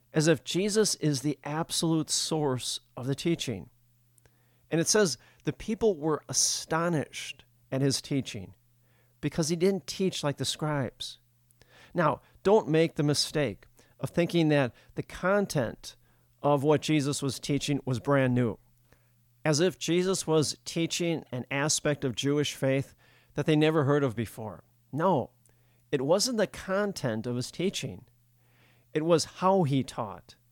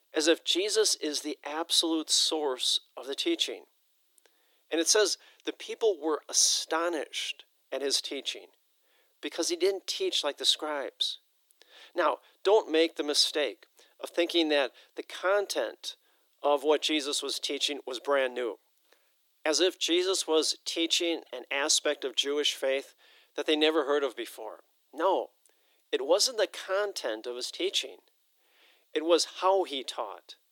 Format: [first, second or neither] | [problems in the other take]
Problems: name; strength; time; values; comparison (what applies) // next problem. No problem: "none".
first | thin; very; fading below 300 Hz